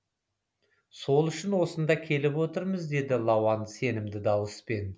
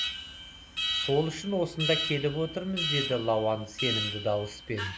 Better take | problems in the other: first | background sound (Alarm); 4 dB below the speech

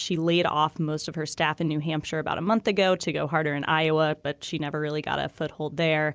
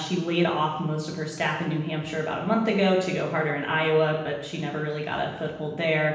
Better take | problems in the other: first | room echo; dies away in 0.9 s

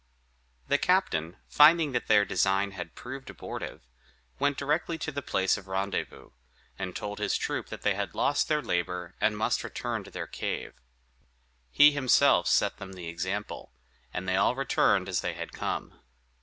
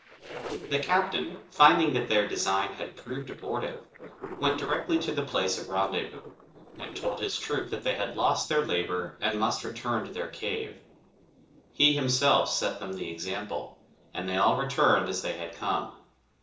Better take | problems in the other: first | noise reduction (neural separator model SepFormer DNS4)

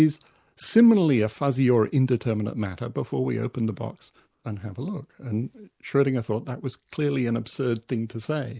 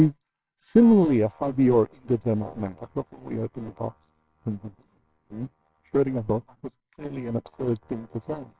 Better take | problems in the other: first | noise reduction (neural separator model SepFormer WHAMR!)

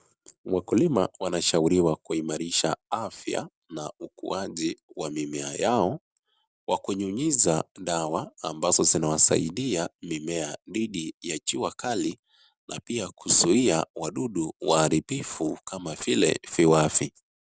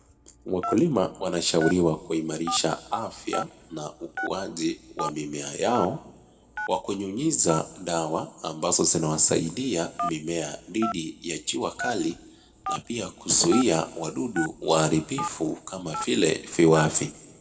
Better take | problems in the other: first | background sound (Telephone); 12 dB below the speech // room echo; dies away in 1.5 s

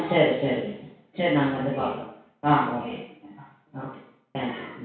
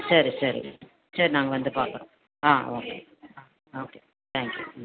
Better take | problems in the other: second | room echo; dies away in 0.6 s

